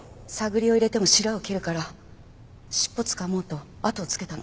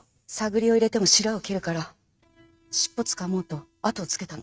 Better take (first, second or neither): first